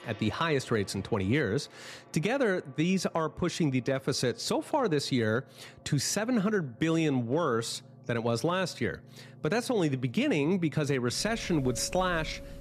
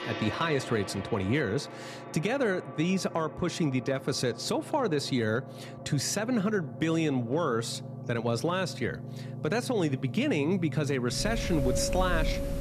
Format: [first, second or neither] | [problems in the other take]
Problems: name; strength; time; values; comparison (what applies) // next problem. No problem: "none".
first | background music; loud; throughout; 9 dB below the speech; faint in the first